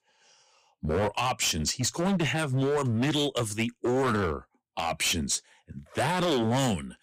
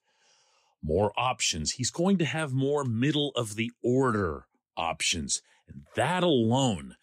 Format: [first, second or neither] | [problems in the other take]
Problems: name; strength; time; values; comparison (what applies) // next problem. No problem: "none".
second | distortion; heavy; 17% of the sound clipped